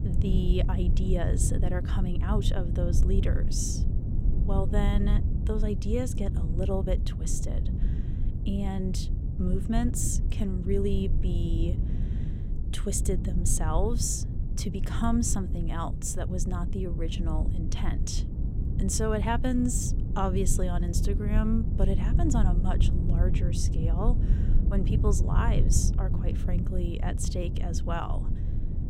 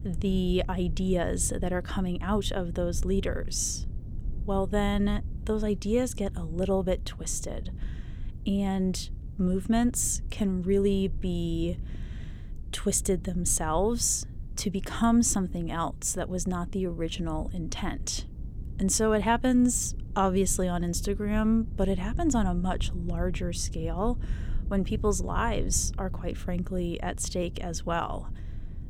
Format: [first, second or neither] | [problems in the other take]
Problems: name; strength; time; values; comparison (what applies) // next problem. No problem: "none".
second | low rumble; loud; throughout; 8 dB below the speech; faint in the second